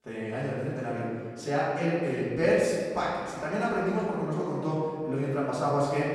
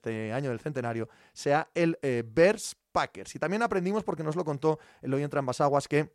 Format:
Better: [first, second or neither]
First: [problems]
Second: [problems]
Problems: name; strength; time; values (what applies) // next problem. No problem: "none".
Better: second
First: off-mic speech; far // room echo; strong; dies away in 1.7 s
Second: none